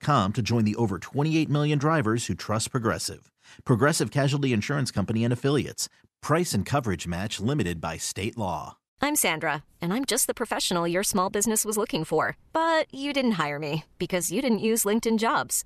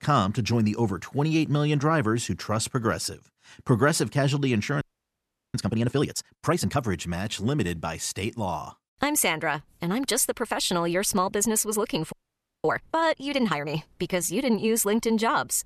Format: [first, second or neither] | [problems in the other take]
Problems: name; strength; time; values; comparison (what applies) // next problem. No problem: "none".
first | audio freezing; at 5 s for 0.5 s and at 12 s for 0.5 s